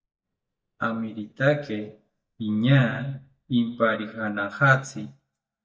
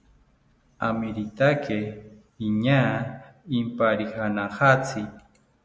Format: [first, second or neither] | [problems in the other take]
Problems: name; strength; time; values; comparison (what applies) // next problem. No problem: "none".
second | noise reduction (neural mask model DeepFilterNet 3)